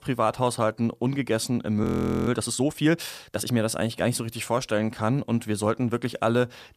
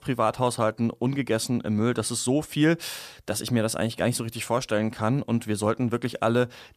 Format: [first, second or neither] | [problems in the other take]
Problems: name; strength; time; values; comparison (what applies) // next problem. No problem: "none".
second | audio freezing; at 2 s